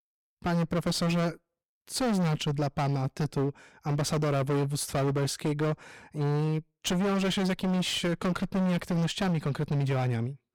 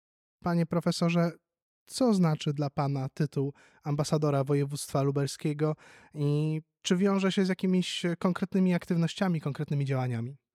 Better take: second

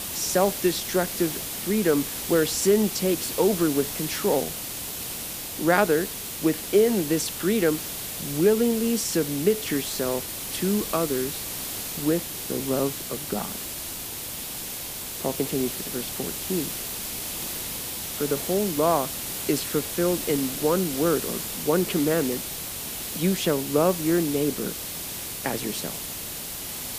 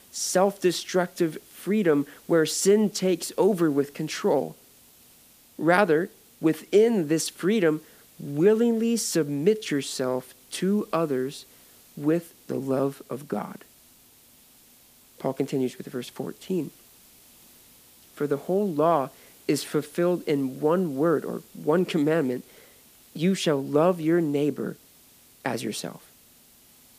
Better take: second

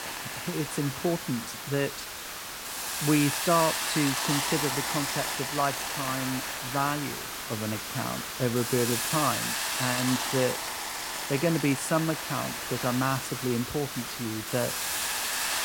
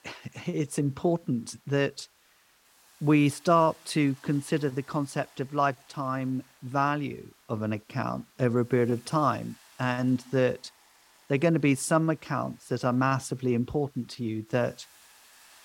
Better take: second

